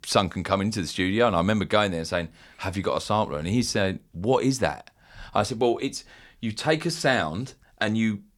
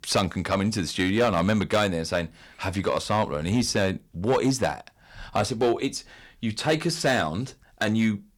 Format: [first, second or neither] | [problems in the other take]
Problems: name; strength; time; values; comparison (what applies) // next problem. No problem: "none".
first | distortion; slight; 4% of the sound clipped